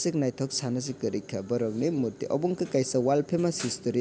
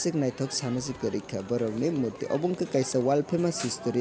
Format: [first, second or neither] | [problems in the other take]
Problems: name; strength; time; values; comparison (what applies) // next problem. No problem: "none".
first | background sound (Crowd); 17 dB below the speech